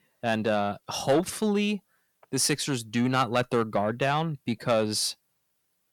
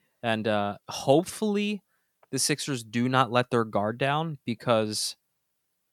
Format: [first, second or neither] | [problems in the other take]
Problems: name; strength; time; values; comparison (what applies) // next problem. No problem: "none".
second | distortion; slight; 10 dB below the speech